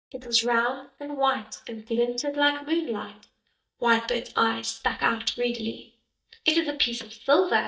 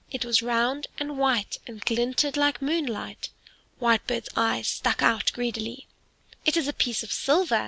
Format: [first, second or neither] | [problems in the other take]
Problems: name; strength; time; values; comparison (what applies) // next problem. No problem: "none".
second | noise reduction (neural mask model DeepFilterNet 3)